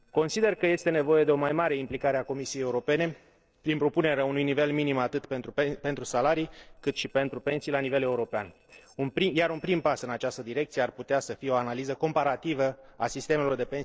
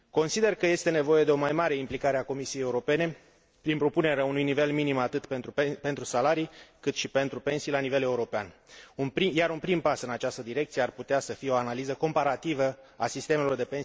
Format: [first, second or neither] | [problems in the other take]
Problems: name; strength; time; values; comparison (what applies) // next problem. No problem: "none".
second | noise reduction (neural separator model SepFormer DNS4)